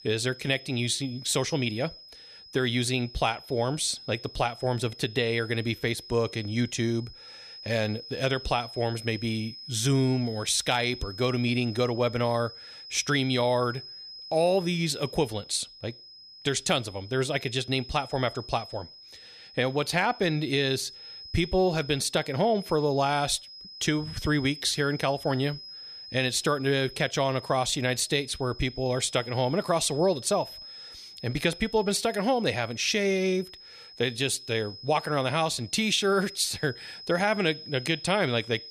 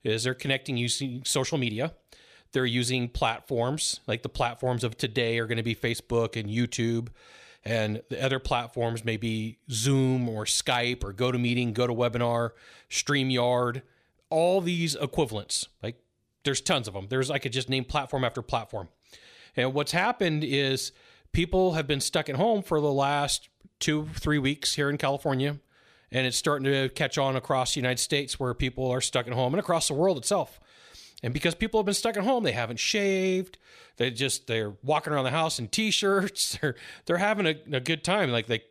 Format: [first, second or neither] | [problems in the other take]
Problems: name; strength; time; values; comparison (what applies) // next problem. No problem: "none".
second | high-pitched whine; noticeable; throughout; 5 kHz, 15 dB below the speech